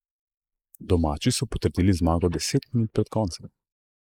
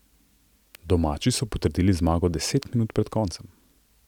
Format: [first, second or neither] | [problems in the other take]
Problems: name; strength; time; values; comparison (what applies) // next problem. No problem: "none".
second | noise reduction (neural mask model Resemble Enhance denoiser)